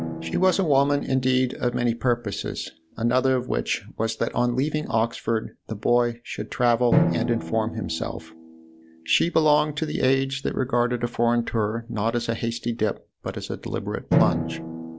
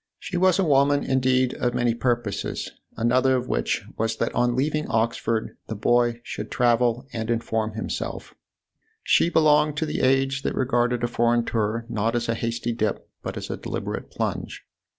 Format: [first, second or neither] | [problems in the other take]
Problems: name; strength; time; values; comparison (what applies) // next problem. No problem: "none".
second | background sound (Drum); 8 dB below the speech